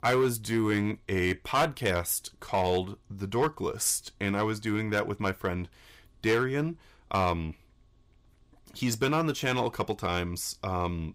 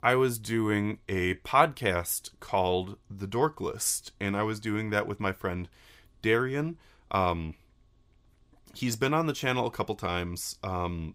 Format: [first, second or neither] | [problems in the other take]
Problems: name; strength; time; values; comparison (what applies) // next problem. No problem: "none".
second | distortion; slight; 3% of the sound clipped